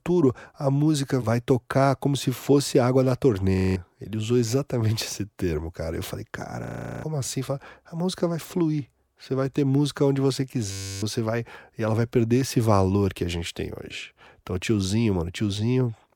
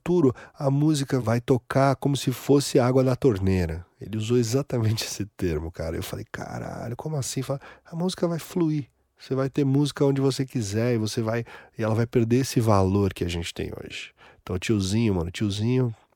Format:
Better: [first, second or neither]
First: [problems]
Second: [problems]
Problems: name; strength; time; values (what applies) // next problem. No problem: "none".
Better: second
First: audio freezing; at 3.5 s, at 6.5 s and at 11 s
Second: none